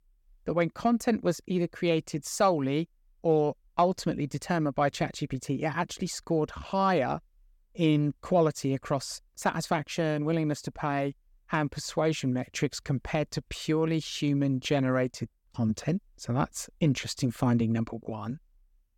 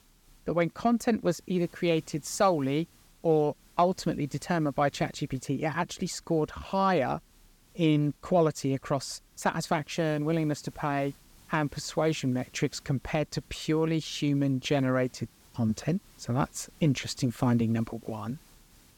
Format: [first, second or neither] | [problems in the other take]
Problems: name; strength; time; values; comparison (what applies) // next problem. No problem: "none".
first | hiss; faint; throughout; 30 dB below the speech